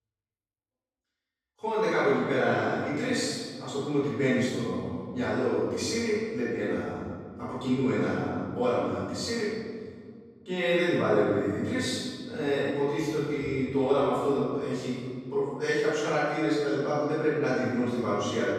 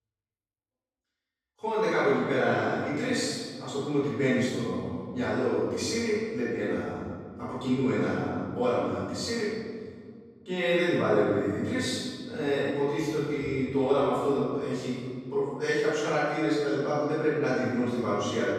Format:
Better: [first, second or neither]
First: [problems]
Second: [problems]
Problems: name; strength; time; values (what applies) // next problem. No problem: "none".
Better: neither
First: room echo; strong; dies away in 2.1 s // off-mic speech; far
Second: room echo; strong; dies away in 2.1 s // off-mic speech; far